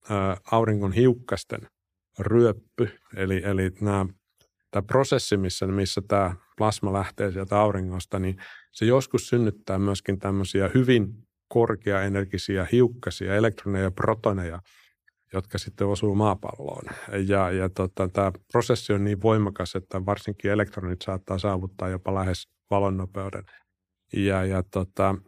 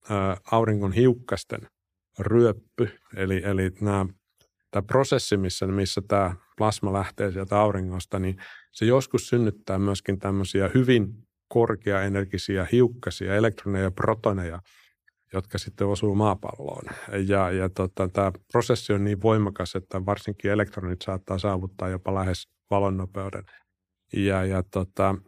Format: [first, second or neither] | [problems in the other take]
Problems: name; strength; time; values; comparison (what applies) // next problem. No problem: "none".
neither | none